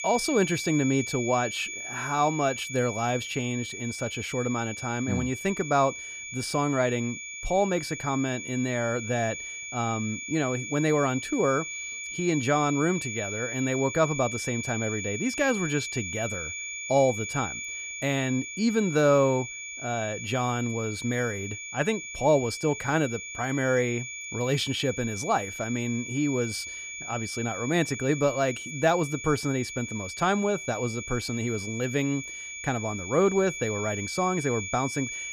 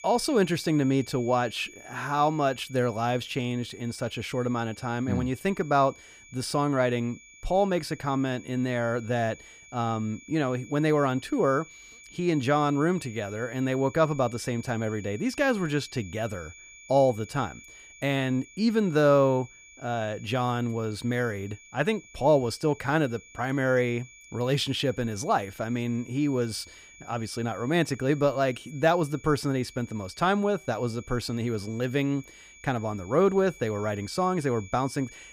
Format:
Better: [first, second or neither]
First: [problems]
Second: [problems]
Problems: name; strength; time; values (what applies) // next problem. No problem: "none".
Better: second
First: high-pitched whine; loud; throughout; 2.5 kHz, 7 dB below the speech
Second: high-pitched whine; faint; throughout; 2.5 kHz, 20 dB below the speech